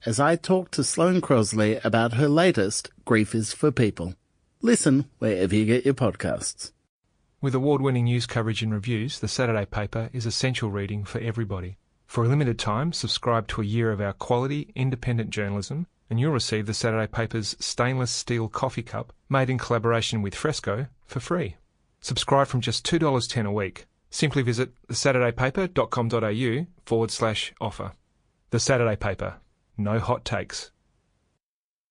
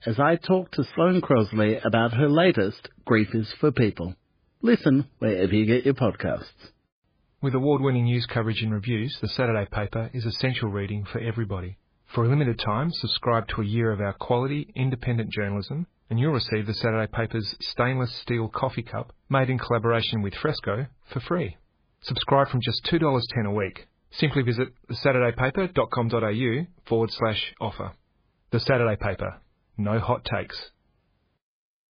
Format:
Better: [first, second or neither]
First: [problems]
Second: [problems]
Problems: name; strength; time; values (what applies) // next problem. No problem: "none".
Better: first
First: garbled, watery; slightly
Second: garbled, watery; badly; nothing above 5 kHz